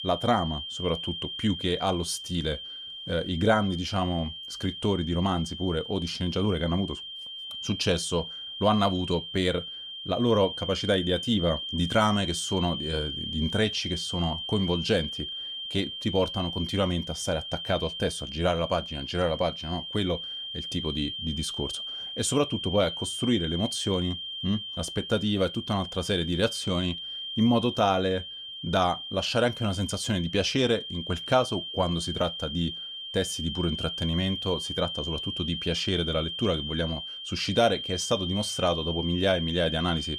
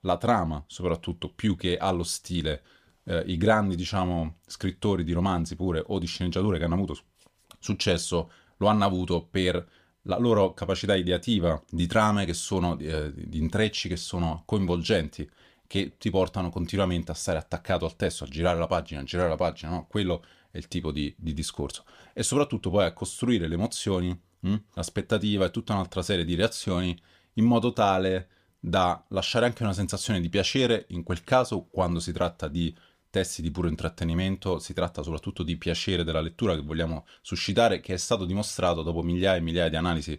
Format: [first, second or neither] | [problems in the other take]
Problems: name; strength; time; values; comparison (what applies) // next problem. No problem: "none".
second | high-pitched whine; loud; throughout; 3 kHz, 6 dB below the speech